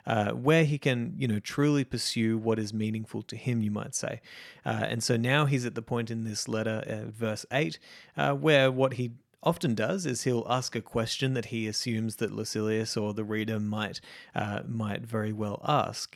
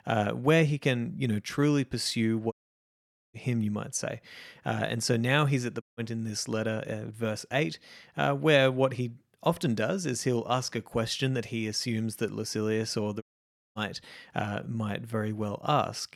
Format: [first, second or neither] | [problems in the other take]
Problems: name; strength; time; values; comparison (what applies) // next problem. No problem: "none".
first | audio cutting out; at 2.5 s for 1 s, at 6 s and at 13 s for 0.5 s